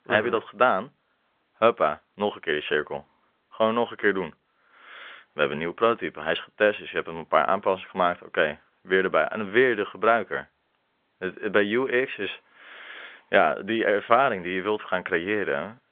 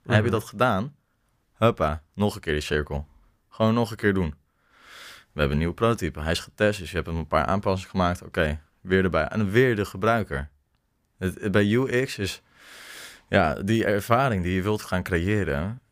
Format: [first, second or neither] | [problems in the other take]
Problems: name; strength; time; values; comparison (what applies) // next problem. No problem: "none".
second | phone-call audio; nothing above 3.5 kHz